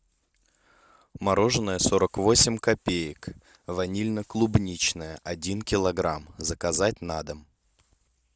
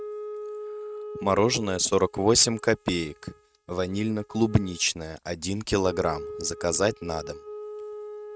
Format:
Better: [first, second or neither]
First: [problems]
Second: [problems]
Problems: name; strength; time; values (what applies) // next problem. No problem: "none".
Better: first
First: none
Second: noise reduction (neural mask model RNNoise)